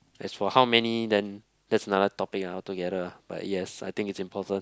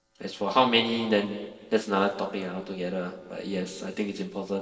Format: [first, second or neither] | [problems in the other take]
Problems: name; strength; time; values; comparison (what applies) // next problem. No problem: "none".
first | noise reduction (neural separator model SepFormer DNS4)